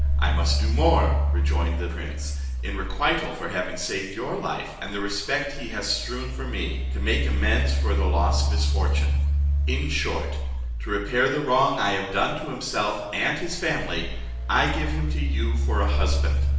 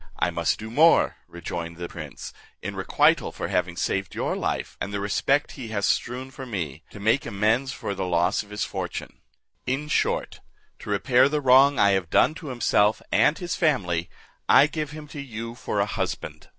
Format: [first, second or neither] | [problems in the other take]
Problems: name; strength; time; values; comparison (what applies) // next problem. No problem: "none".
second | background sound (Engine); 2 dB above the speech // room echo; dies away in 0.9 s